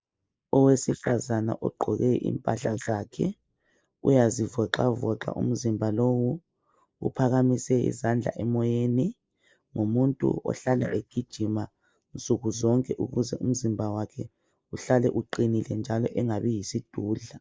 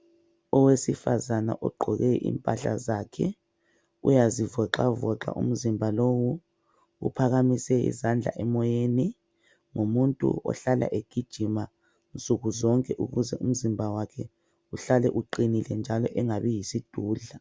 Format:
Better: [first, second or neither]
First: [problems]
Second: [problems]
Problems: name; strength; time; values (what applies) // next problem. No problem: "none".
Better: second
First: noise reduction (neural mask model Resemble Enhance denoiser)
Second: none